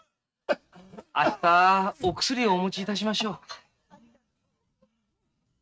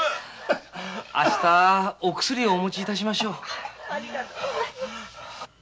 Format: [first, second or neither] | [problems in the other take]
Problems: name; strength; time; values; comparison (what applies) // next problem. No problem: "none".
second | noise reduction (neural mask model RNNoise)